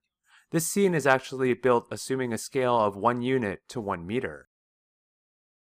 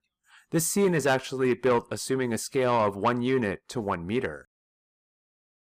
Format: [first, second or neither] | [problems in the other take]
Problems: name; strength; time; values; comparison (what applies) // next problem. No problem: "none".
first | distortion; slight; 10 dB below the speech